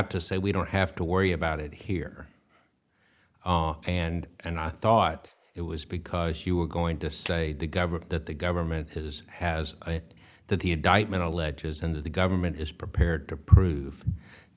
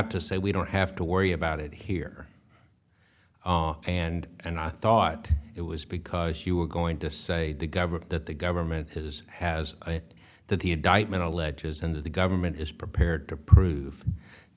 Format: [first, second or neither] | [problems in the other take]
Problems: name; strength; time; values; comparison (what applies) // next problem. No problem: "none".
second | noise reduction (neural mask model Resemble Enhance denoiser)